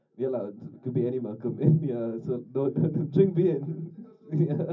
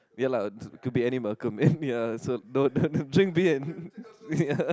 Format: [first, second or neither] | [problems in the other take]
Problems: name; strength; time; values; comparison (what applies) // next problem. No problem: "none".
second | room echo; dies away in 0.4 s